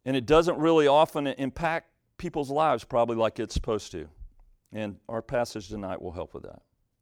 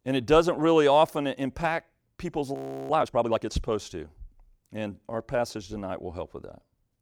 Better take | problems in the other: first | audio freezing; at 2.5 s

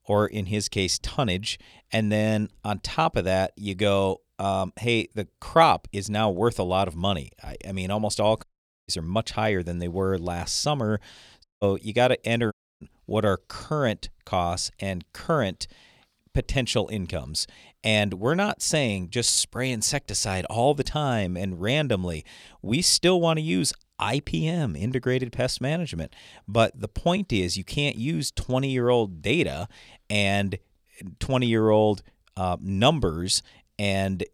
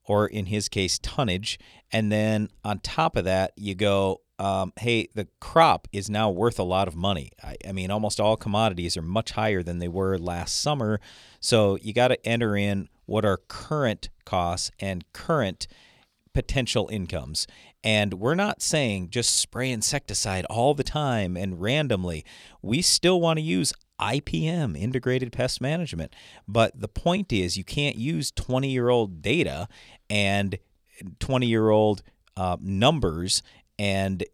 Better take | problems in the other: second | audio cutting out; at 8.5 s, at 11 s and at 13 s

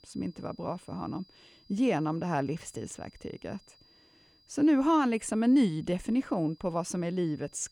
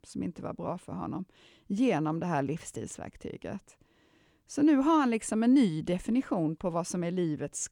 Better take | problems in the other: second | high-pitched whine; faint; throughout; 5 kHz, 30 dB below the speech

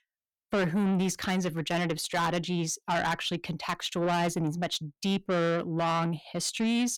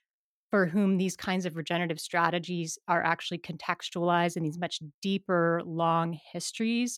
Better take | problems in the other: second | distortion; heavy; 7 dB below the speech

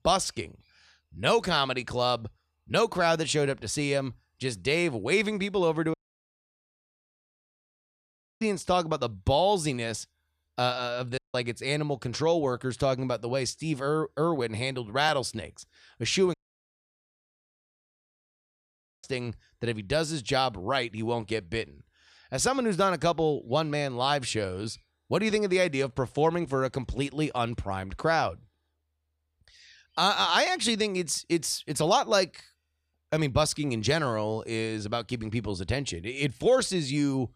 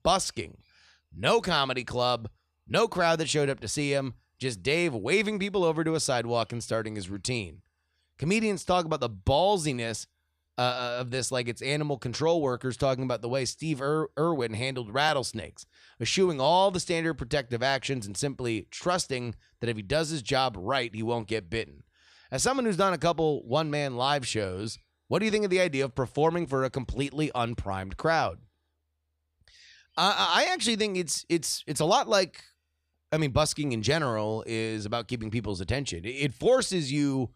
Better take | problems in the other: second | audio cutting out; at 6 s for 2.5 s, at 11 s and at 16 s for 2.5 s

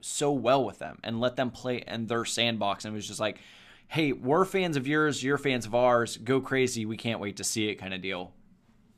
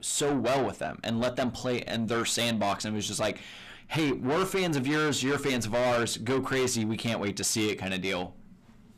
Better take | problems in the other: first | distortion; heavy; 6 dB below the speech

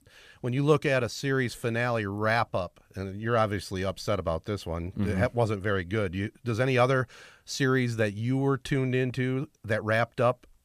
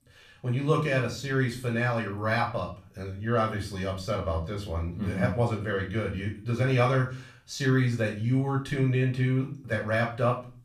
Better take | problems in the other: first | room echo; slight; dies away in 0.3 s // off-mic speech; far

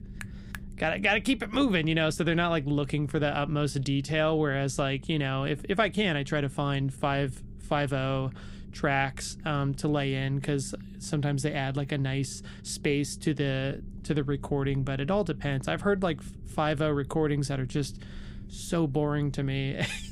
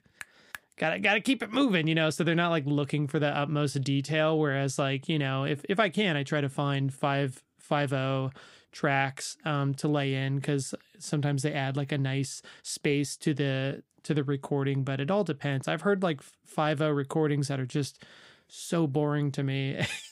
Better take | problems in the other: second | low rumble; faint; throughout; 25 dB below the speech

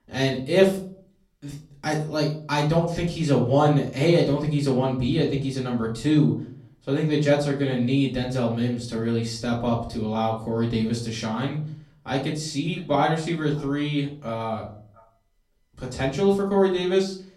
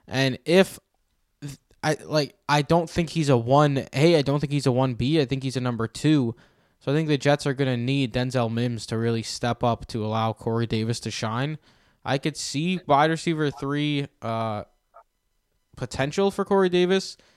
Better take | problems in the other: second | off-mic speech; far // room echo; slight; dies away in 0.4 s

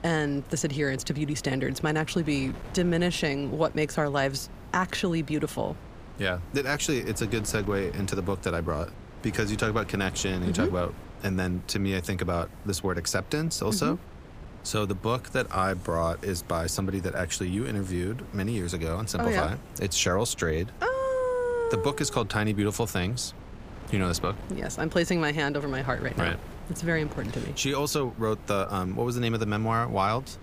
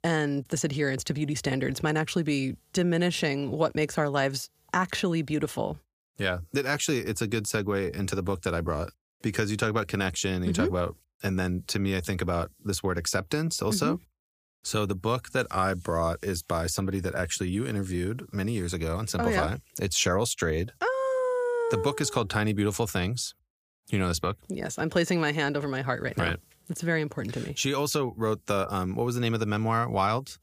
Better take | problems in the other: second | wind noise on the microphone; occasional gusts; 20 dB below the speech

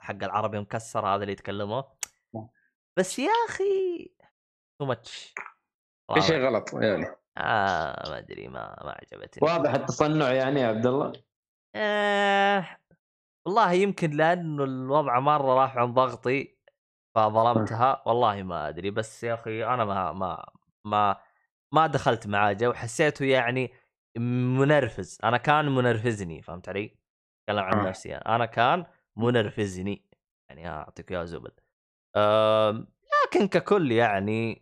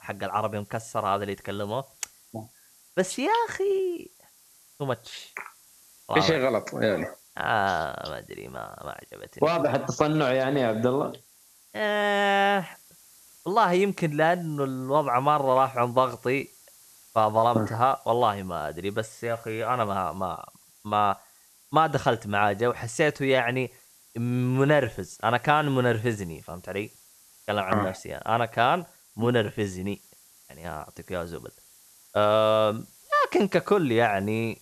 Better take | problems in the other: first | hiss; faint; throughout; 25 dB below the speech

